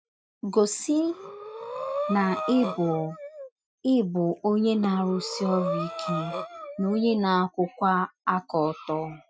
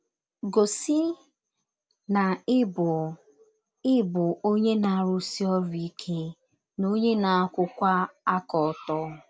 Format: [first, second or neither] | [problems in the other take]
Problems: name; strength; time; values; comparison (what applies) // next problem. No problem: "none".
second | noise reduction (classical method Wiener filter)